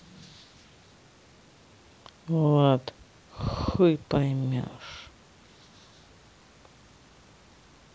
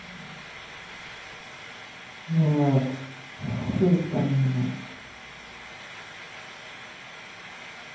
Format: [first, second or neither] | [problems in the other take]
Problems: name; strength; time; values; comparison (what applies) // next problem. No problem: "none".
first | background sound (Frying (food)); 13 dB below the speech // room echo; dies away in 0.9 s